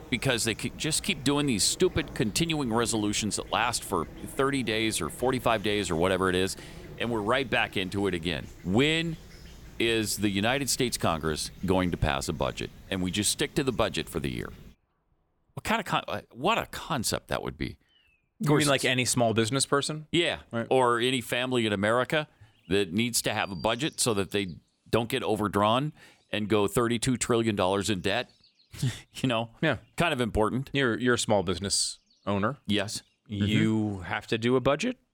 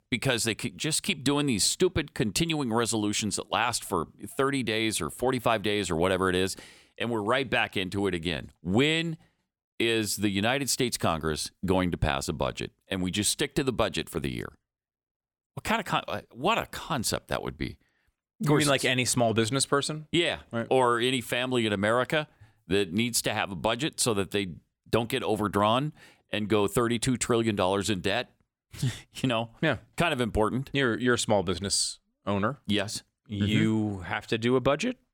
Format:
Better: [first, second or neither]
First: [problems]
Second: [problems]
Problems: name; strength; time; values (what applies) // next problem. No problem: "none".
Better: second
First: animal sounds; faint; throughout; 20 dB below the speech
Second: none